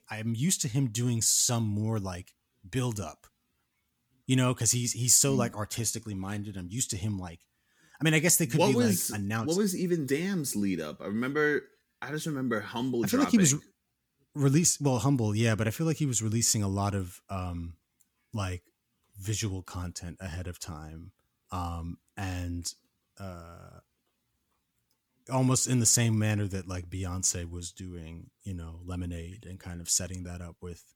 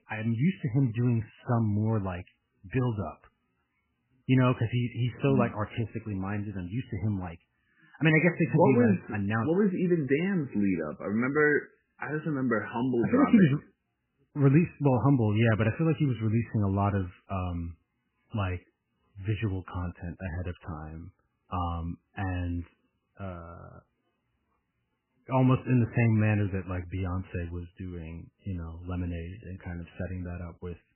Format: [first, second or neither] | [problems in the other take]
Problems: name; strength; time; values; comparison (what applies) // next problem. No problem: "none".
first | garbled, watery; badly; nothing above 3 kHz